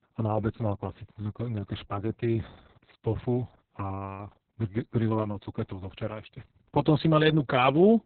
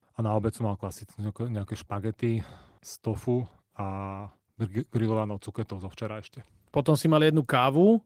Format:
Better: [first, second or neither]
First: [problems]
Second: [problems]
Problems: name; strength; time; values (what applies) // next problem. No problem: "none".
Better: second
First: garbled, watery; badly; nothing above 4 kHz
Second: garbled, watery; slightly; nothing above 16 kHz